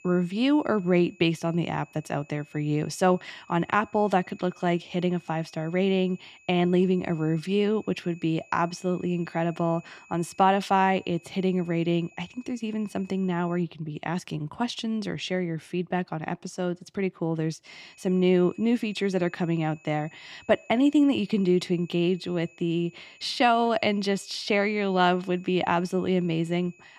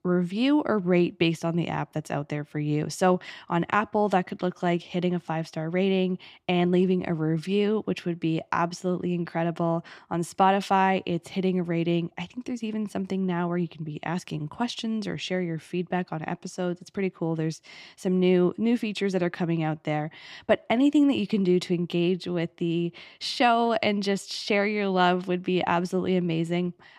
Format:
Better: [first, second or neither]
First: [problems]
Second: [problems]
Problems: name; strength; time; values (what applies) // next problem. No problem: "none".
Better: second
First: high-pitched whine; faint; until 14 s and from 18 s on; 2.5 kHz, 25 dB below the speech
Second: none